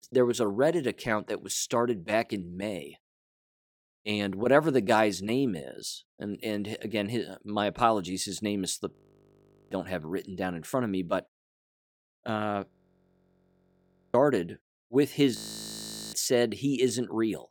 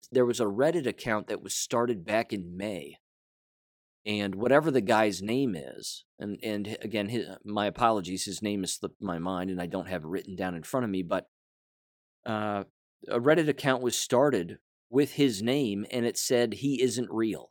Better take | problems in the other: second | audio freezing; at 9 s for 1 s, at 13 s for 1.5 s and at 15 s for 1 s

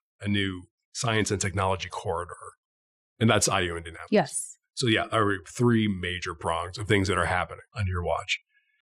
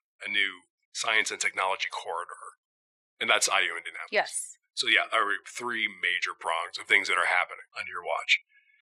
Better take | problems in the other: first | thin; very; fading below 750 Hz

